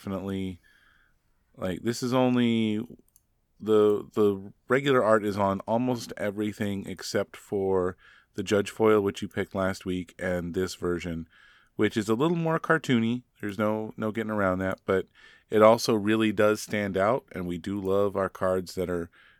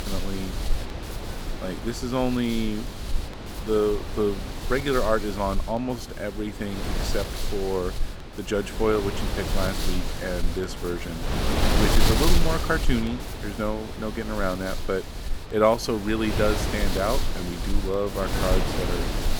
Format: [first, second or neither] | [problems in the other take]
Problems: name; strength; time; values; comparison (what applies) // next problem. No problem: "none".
first | wind noise on the microphone; heavy; 5 dB below the speech